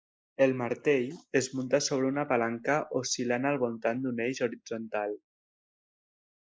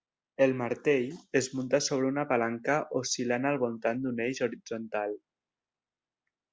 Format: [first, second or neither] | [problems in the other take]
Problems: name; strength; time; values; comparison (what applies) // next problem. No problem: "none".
second | noise reduction (neural mask model Resemble Enhance denoiser)